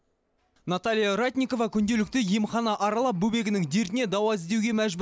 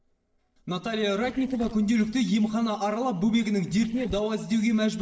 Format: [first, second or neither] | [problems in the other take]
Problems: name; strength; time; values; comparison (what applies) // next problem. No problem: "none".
first | noise reduction (neural separator model SepFormer DNS4)